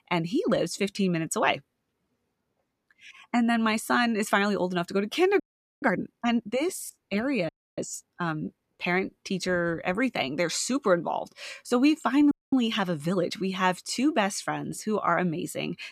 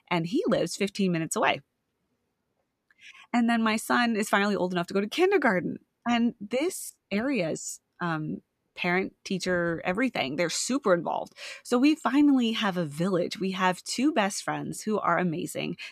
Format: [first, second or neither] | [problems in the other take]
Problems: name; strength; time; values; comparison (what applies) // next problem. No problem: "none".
second | audio freezing; at 5.5 s, at 7.5 s and at 12 s